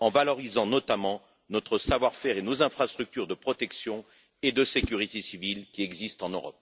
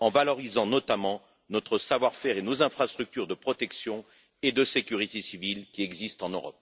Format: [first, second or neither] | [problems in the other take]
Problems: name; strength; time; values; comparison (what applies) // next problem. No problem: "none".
second | background sound (Whoosh, swoosh, swish); 13 dB below the speech